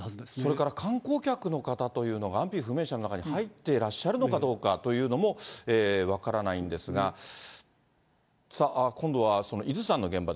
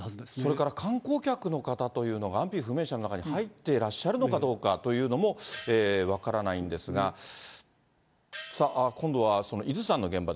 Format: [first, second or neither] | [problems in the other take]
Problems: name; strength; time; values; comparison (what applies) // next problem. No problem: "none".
first | background sound (Gong); 19 dB below the speech